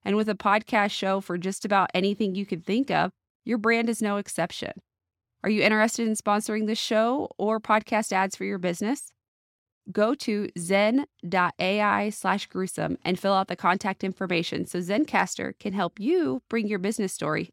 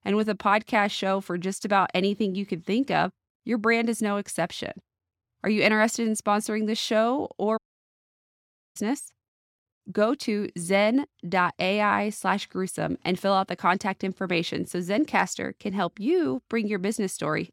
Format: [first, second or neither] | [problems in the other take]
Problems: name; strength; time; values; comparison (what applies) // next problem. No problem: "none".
first | audio cutting out; at 7.5 s for 1 s